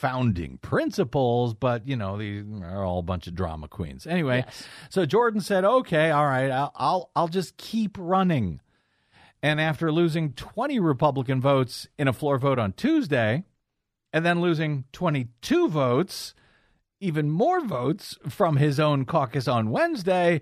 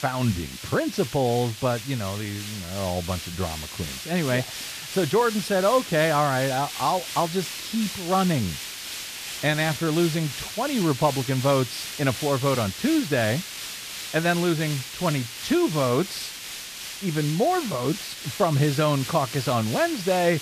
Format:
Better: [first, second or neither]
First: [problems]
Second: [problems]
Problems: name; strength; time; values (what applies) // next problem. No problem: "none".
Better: first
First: none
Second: hiss; loud; throughout; 8 dB below the speech